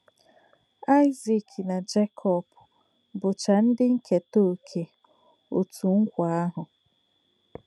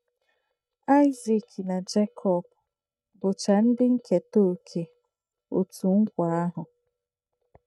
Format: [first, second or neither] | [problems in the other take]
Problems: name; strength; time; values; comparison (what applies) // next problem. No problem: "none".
first | noise reduction (neural mask model DeepFilterNet 3)